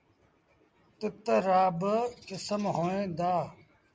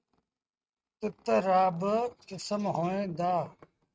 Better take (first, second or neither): first